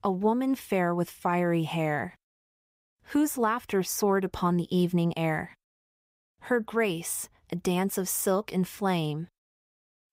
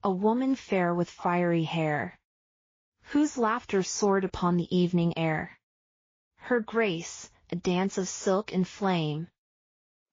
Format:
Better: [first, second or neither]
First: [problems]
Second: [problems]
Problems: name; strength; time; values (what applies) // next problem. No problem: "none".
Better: first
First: none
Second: garbled, watery; slightly